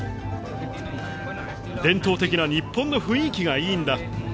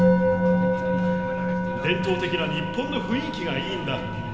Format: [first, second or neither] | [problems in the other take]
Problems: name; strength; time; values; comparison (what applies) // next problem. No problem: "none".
first | background sound (Musical instrument); 4 dB above the speech // room echo; dies away in 2.1 s